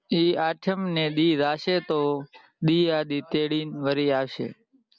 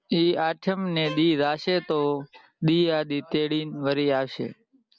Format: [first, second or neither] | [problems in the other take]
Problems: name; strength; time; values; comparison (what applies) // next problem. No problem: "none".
first | background sound (Bowed string instrument); 19 dB below the speech